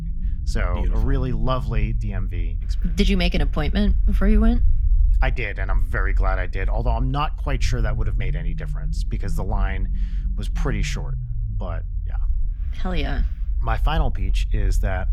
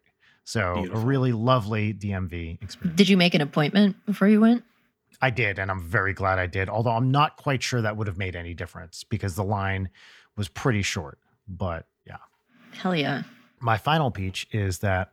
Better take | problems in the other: second | low rumble; noticeable; throughout; 15 dB below the speech

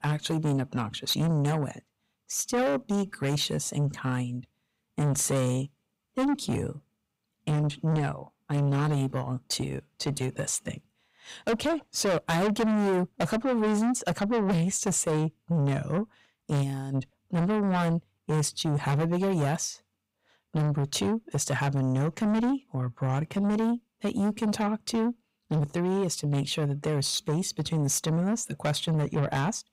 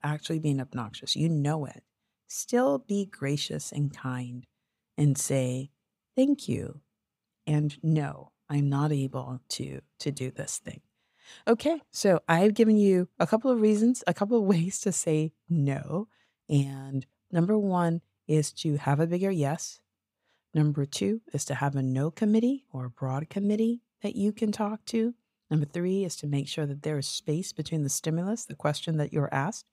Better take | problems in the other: second | distortion; heavy; 6 dB below the speech

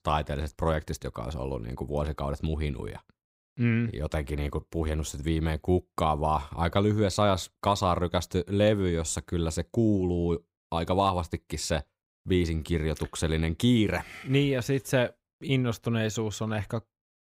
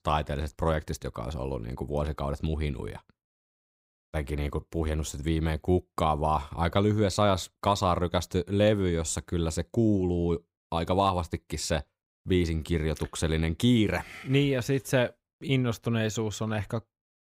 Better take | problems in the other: first | audio cutting out; at 3.5 s for 0.5 s

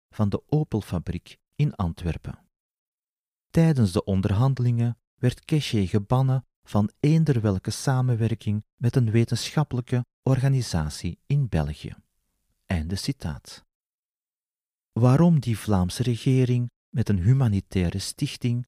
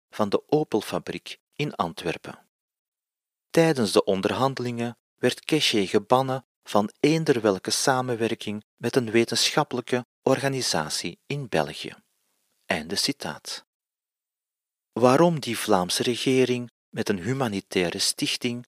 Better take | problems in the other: first | thin; somewhat; fading below 400 Hz

